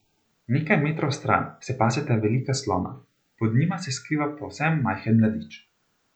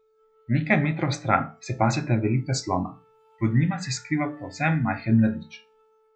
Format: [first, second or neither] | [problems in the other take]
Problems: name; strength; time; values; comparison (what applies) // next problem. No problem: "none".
first | noise reduction (classical method log-MMSE)